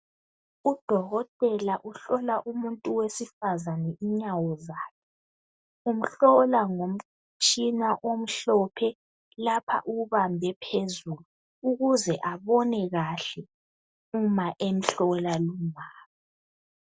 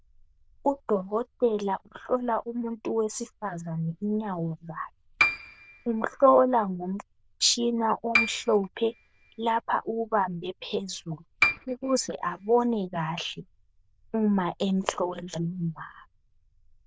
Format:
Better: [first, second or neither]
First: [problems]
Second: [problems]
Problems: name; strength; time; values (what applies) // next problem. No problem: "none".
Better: first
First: none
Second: noise reduction (neural diffusion model UNIVERSE++)